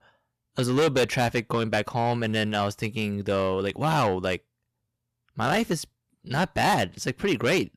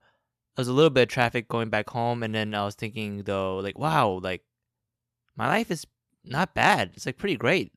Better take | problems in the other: second | distortion; heavy; 6 dB below the speech

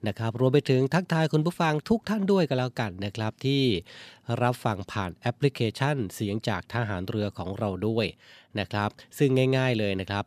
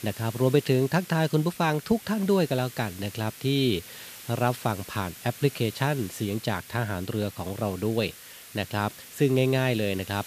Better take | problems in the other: first | hiss; noticeable; throughout; 15 dB below the speech

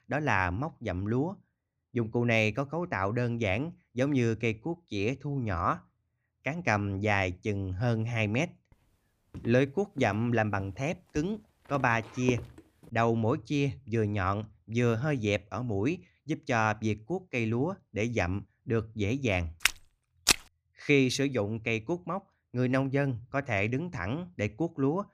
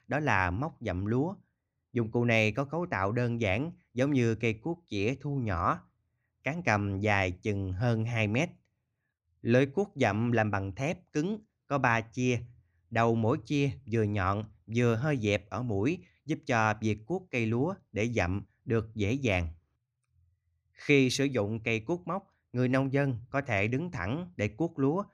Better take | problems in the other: second | footsteps; noticeable; from 9.5 to 12 s; peak 8 dB below the speech // footsteps; loud; at 20 s; peak 5 dB above the speech

